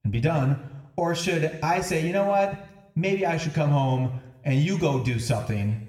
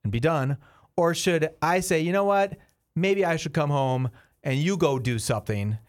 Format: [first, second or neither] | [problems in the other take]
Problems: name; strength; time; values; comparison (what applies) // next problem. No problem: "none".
second | room echo; slight; dies away in 0.8 s // off-mic speech; somewhat distant